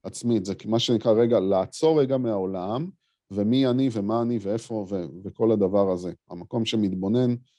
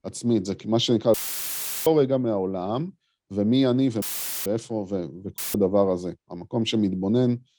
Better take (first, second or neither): first